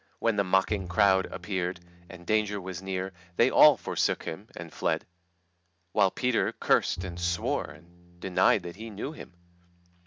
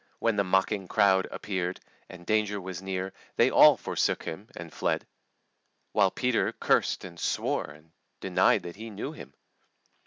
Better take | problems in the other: second | background sound (Bowed string instrument); 16 dB below the speech

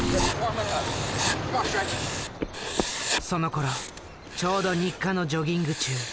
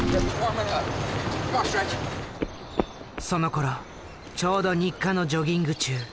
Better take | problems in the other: second | background sound (Writing); 6 dB below the speech

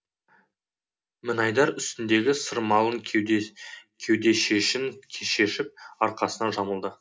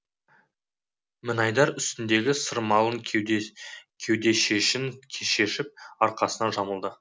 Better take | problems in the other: second | room echo; dies away in 0.3 s

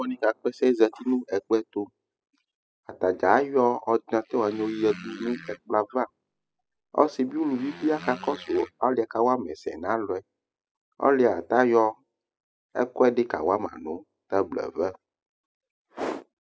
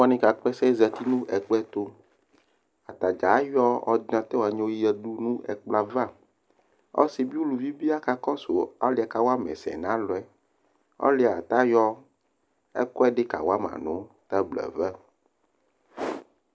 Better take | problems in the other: second | noise reduction (classical method spectral subtraction)

